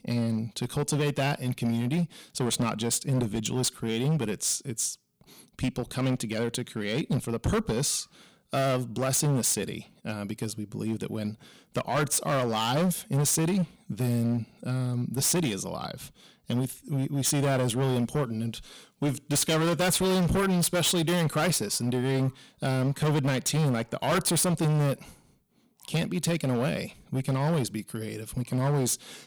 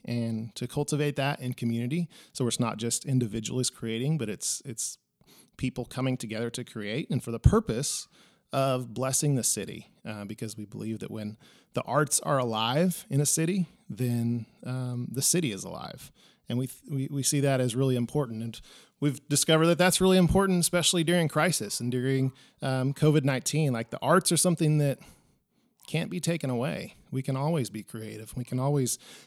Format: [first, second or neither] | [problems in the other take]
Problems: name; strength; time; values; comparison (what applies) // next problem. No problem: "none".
second | distortion; heavy; 15% of the sound clipped